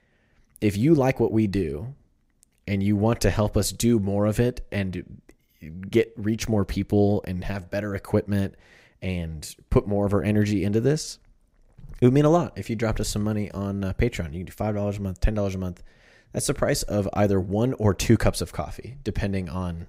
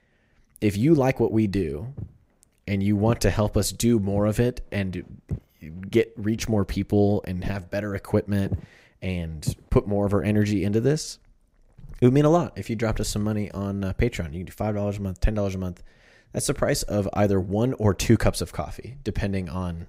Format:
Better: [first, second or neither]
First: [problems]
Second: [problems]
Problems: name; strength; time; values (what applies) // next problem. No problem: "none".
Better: first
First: none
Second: footsteps; noticeable; from 2 to 9.5 s; peak 8 dB below the speech